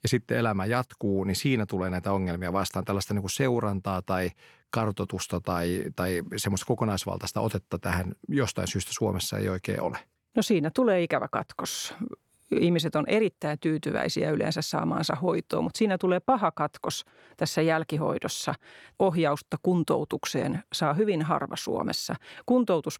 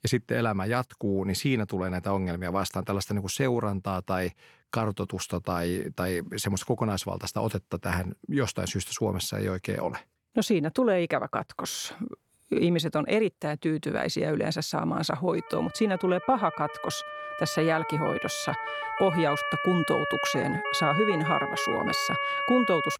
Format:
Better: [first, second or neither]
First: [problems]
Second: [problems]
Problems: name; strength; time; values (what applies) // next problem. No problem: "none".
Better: first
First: none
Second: siren; loud; from 15 s on; peak 1 dB above the speech